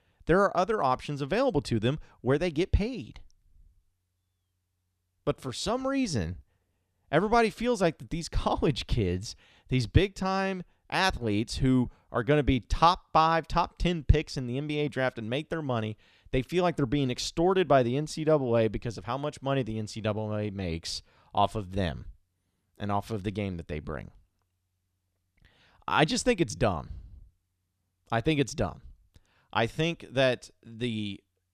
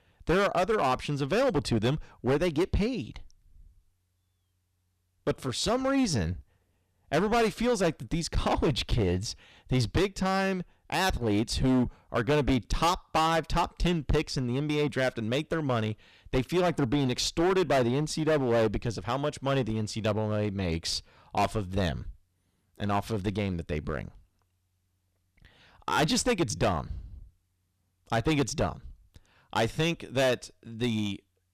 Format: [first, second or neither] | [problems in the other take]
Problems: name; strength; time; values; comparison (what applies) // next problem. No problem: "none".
first | distortion; heavy; 9% of the sound clipped